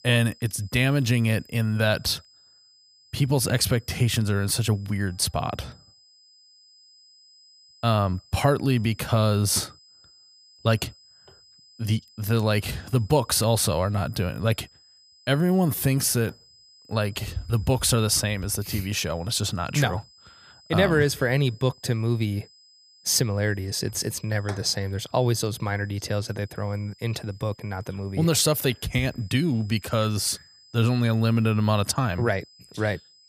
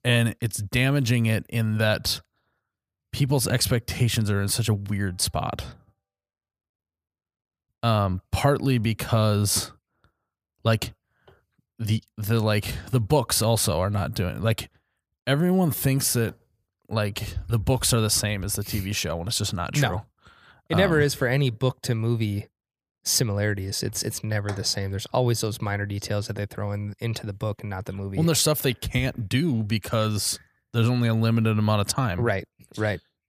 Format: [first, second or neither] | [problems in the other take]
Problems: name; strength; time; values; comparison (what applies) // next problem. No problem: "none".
second | high-pitched whine; faint; throughout; 5 kHz, 25 dB below the speech